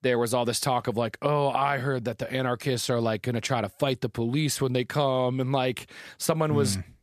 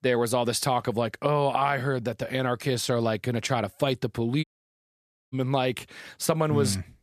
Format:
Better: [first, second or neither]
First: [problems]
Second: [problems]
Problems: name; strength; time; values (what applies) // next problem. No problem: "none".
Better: first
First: none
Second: audio cutting out; at 4.5 s for 1 s